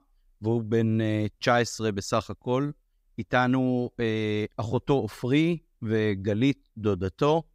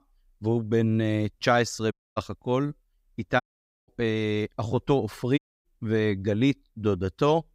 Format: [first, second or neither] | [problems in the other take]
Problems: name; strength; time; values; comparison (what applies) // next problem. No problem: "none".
first | audio cutting out; at 2 s, at 3.5 s and at 5.5 s